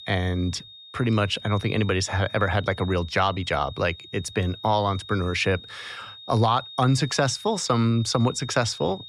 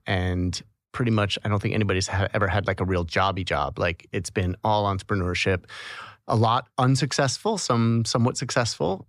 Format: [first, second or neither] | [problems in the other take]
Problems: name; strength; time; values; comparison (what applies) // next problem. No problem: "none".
second | high-pitched whine; noticeable; throughout; 3.5 kHz, 15 dB below the speech